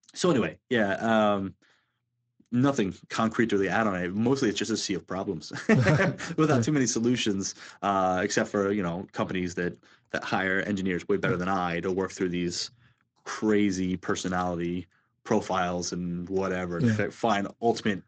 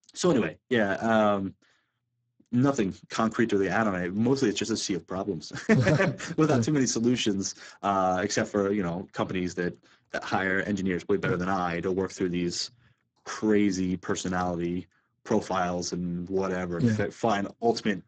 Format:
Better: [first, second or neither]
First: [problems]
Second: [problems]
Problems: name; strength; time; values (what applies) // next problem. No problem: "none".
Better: first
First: garbled, watery; slightly; nothing above 7.5 kHz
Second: garbled, watery; badly; nothing above 7.5 kHz